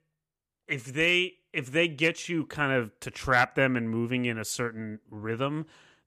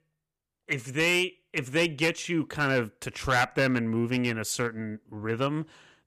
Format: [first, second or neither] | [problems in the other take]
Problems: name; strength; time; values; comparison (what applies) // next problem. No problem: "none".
first | distortion; slight; 3% of the sound clipped